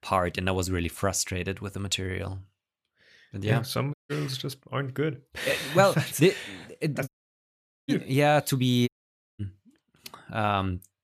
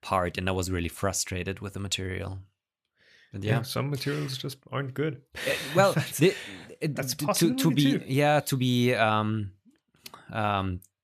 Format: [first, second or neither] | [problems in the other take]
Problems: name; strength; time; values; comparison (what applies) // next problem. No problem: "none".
second | audio cutting out; at 4 s, at 7 s for 1 s and at 9 s for 0.5 s